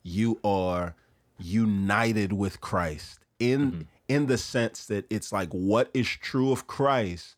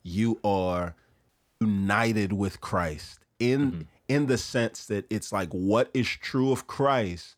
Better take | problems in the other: first | audio cutting out; at 1.5 s

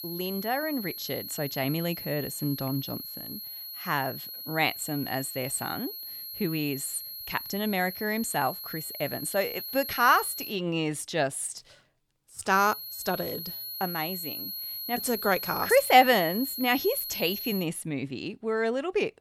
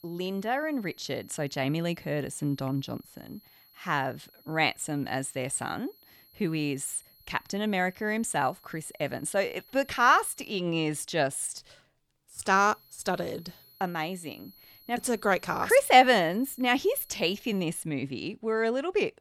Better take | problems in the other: second | high-pitched whine; loud; until 11 s and from 13 to 18 s; 11.5 kHz, 7 dB below the speech; faint in the second

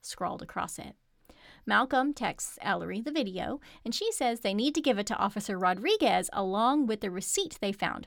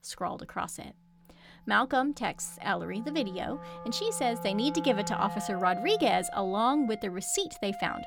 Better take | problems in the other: first | background music; noticeable; throughout; 10 dB below the speech

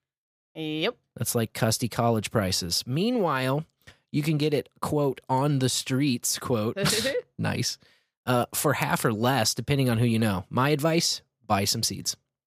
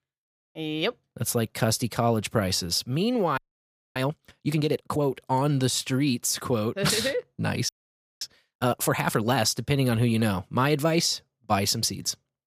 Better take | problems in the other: first | audio freezing; at 3.5 s for 0.5 s and at 7.5 s for 0.5 s

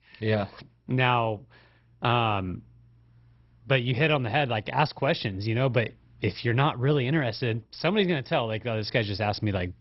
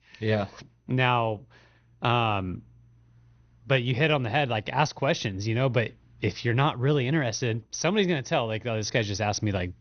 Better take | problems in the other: second | garbled, watery; badly; nothing above 5.5 kHz; slightly in the second

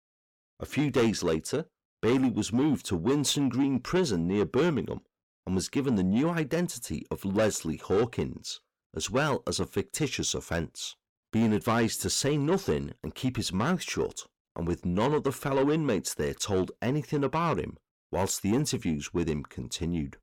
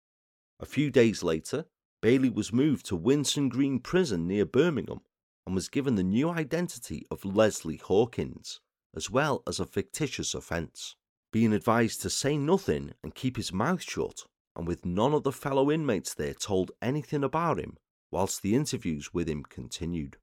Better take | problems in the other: second | distortion; slight; 10 dB below the speech

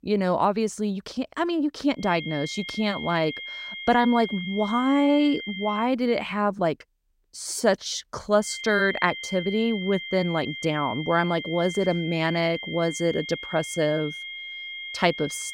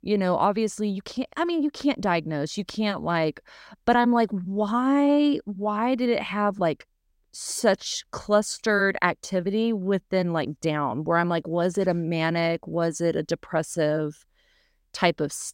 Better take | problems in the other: second | high-pitched whine; loud; from 2 to 6 s and from 8.5 s on; 2 kHz, 9 dB below the speech

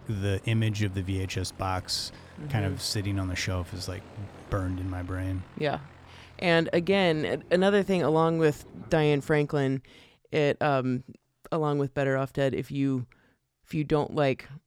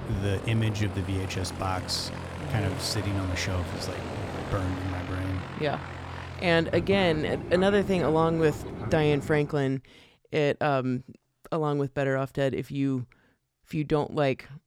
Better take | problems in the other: first | train or aircraft noise; loud; until 9.5 s; 9 dB below the speech; faint in the first

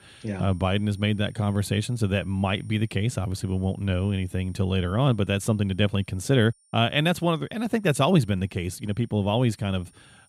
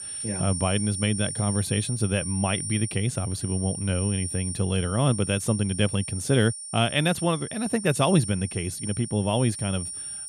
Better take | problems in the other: first | high-pitched whine; loud; throughout; 9 kHz, 6 dB below the speech; faint in the first

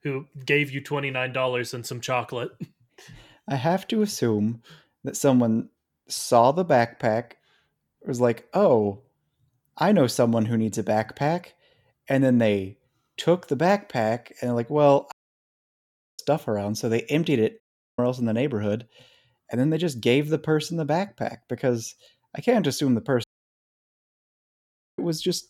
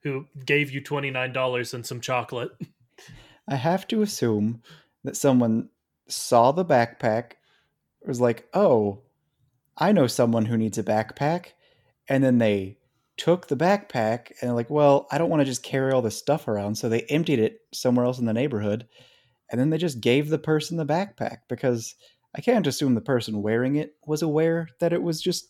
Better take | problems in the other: second | audio cutting out; at 15 s for 1 s, at 18 s and at 23 s for 1.5 s

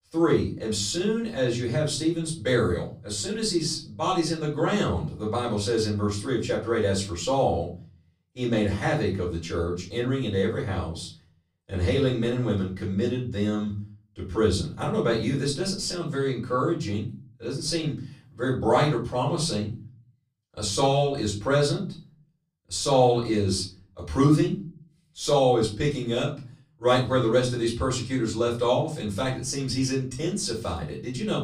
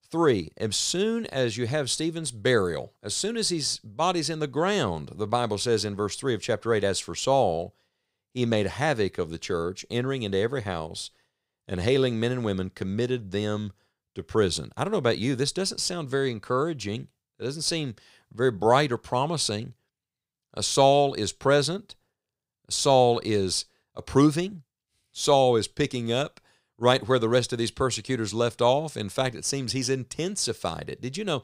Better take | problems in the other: second | off-mic speech; far // room echo; slight; dies away in 0.4 s

